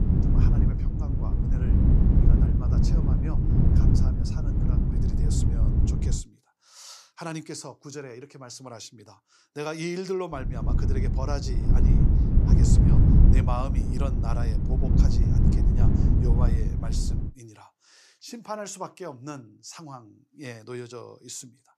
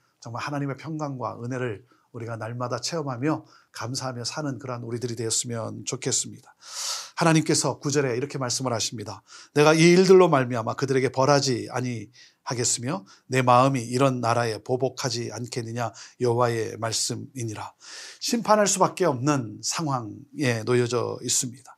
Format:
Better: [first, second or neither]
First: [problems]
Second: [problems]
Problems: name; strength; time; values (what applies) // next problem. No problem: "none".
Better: second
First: wind noise on the microphone; heavy; until 6 s and from 10 to 17 s; 3 dB above the speech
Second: none